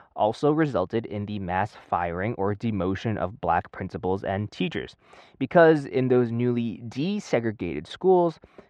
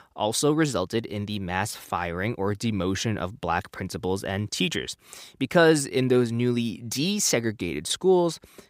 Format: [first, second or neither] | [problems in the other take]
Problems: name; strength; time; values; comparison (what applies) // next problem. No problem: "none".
second | muffled; very; fading above 2 kHz